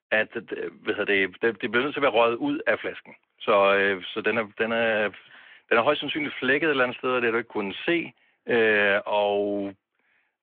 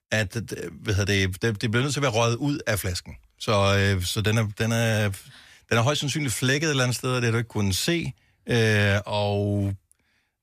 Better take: second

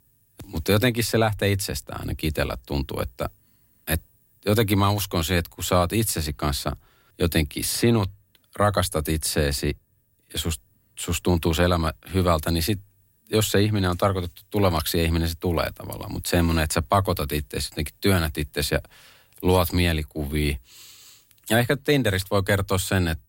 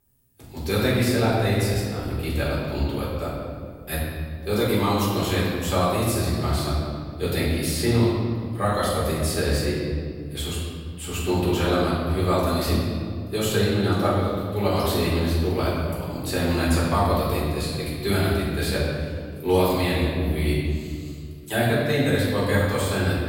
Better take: first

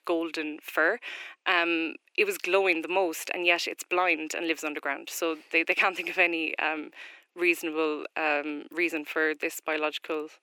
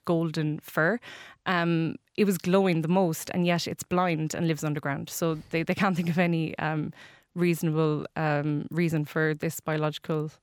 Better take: second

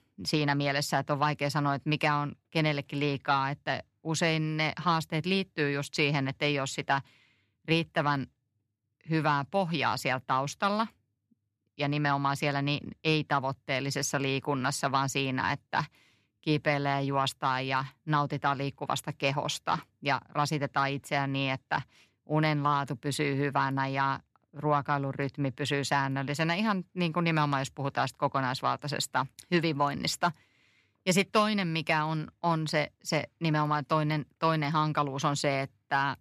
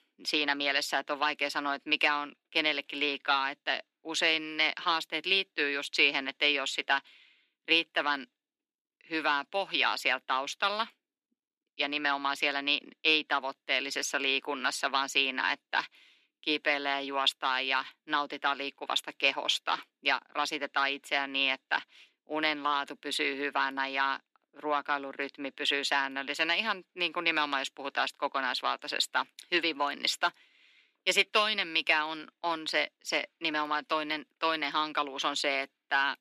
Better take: first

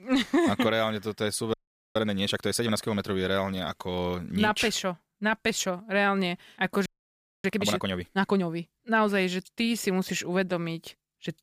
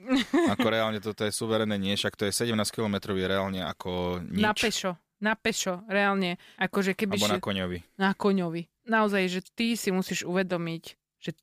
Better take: second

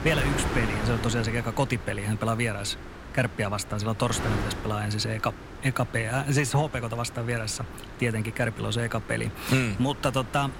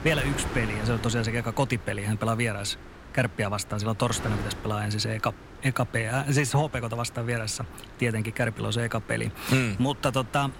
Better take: second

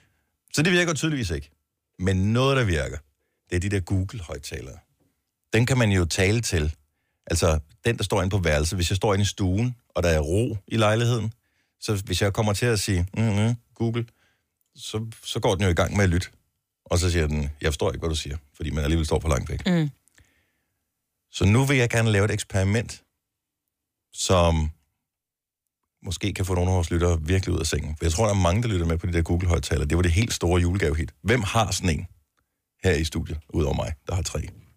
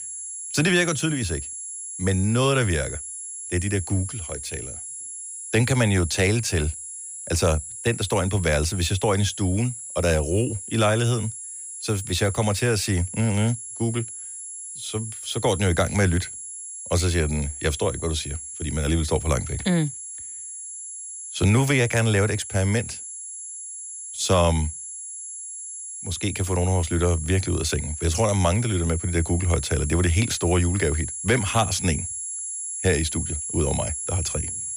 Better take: first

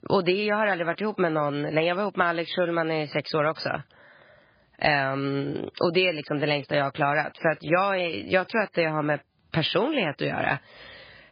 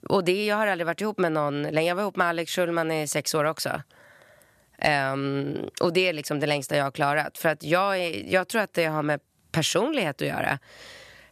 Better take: second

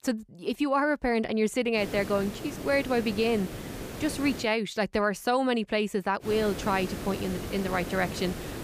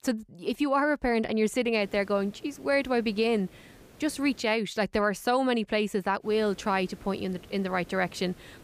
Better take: second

